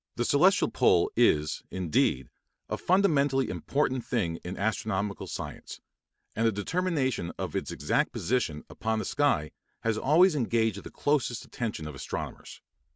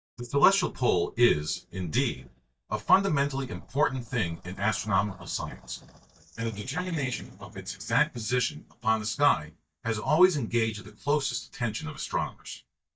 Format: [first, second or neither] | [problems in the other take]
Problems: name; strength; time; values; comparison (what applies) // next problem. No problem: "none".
first | noise reduction (neural mask model DeepFilterNet 3)